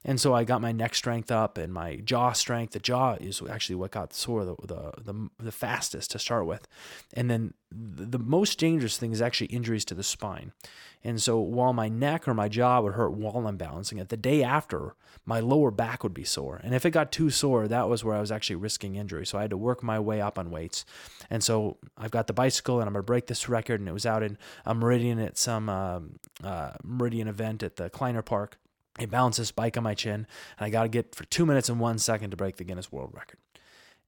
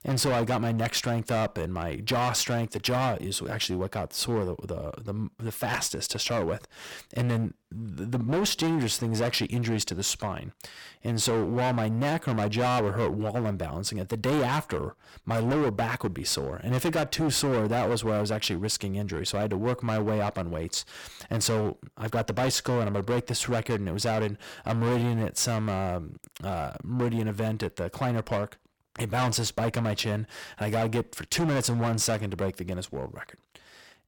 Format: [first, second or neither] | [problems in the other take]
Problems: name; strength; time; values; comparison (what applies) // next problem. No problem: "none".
first | distortion; heavy; 15% of the sound clipped